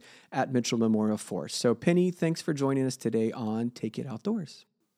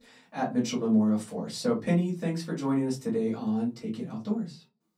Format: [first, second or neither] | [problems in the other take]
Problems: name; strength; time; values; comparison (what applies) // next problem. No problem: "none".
first | off-mic speech; far // room echo; very slight; dies away in 0.2 s